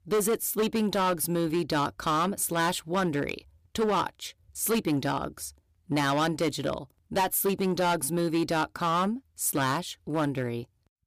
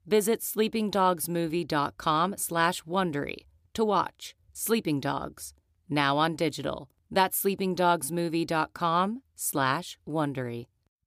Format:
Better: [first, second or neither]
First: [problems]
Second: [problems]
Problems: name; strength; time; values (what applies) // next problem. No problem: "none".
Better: second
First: distortion; heavy; 9% of the sound clipped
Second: none